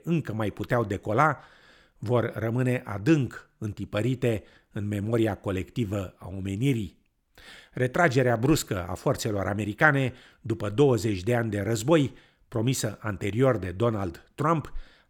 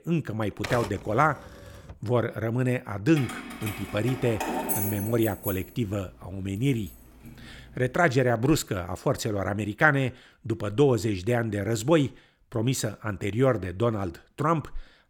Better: first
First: none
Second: keyboard typing; noticeable; until 2 s; peak 8 dB below the speech // jangling keys; loud; from 3 to 7.5 s; peak level with the speech

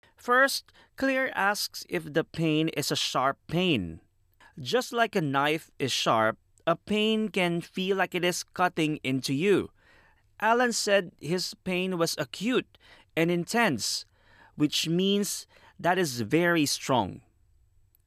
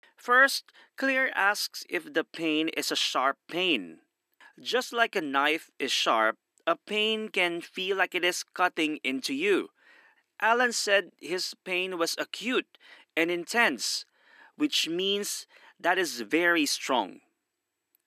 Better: first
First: none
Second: thin; very slightly; fading below 250 Hz

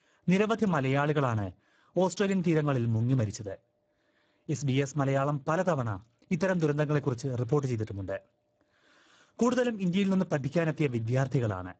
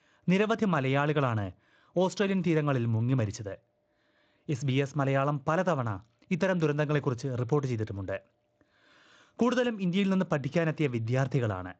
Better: second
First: garbled, watery; badly; nothing above 7.5 kHz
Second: garbled, watery; slightly; nothing above 7.5 kHz

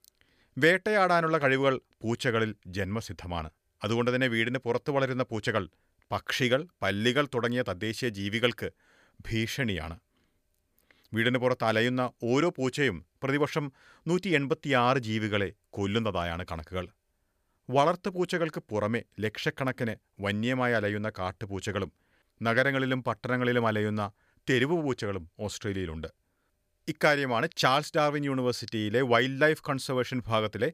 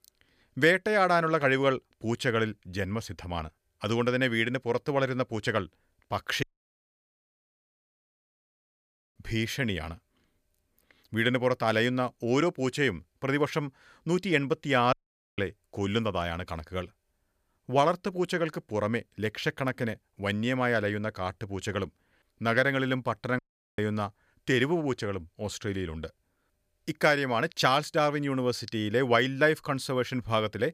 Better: first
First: none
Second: audio cutting out; at 6.5 s for 2.5 s, at 15 s and at 23 s

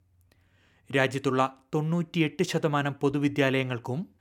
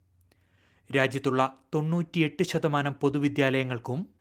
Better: first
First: none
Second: garbled, watery; slightly; nothing above 17 kHz

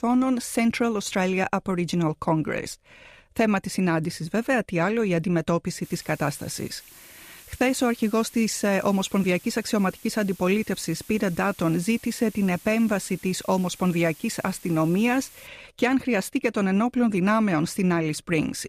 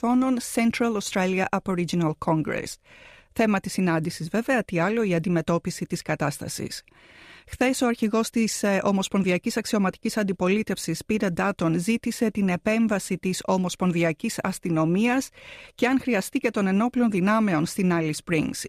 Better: second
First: hiss; faint; from 6 to 15 s; 20 dB below the speech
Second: none

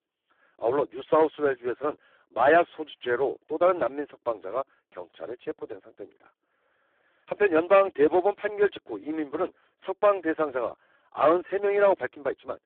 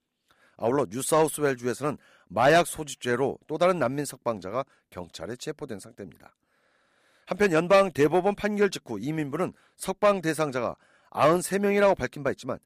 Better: second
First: phone-call audio; poor line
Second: none

